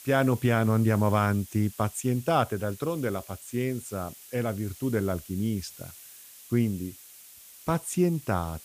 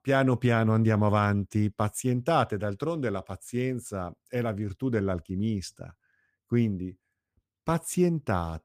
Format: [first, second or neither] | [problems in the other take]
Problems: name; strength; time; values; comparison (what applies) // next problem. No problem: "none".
second | hiss; noticeable; throughout; 20 dB below the speech